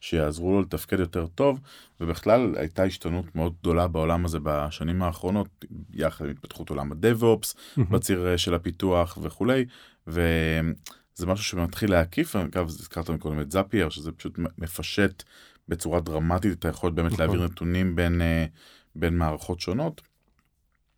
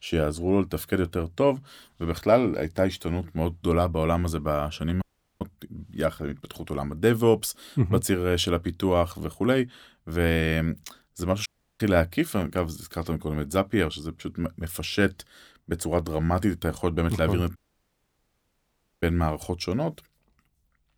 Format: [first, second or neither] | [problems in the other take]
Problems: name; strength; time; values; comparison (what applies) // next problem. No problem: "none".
first | audio cutting out; at 5 s, at 11 s and at 18 s for 1.5 s